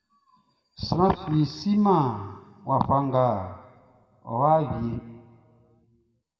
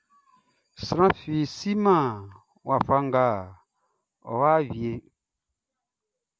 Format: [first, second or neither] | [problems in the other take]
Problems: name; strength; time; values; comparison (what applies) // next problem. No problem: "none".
second | room echo; dies away in 1.6 s